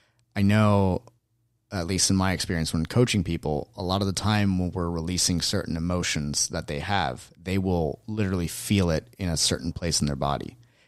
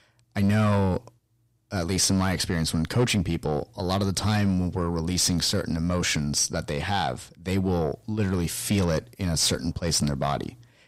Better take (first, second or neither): first